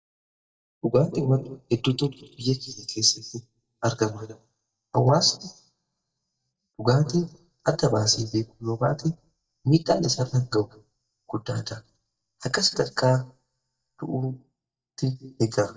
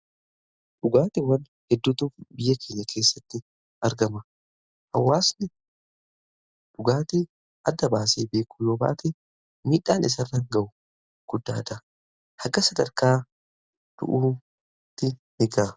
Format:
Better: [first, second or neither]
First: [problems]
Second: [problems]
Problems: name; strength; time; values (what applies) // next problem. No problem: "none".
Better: second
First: noise reduction (neural mask model DeepFilterNet 3)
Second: none